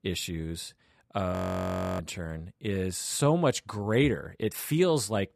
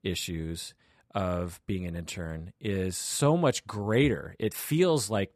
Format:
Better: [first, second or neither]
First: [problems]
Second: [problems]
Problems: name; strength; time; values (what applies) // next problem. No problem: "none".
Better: second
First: audio freezing; at 1.5 s for 0.5 s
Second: none